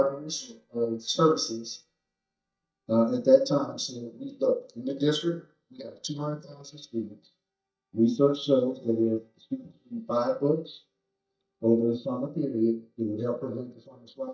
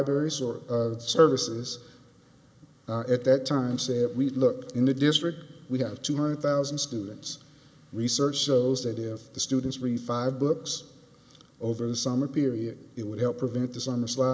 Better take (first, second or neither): second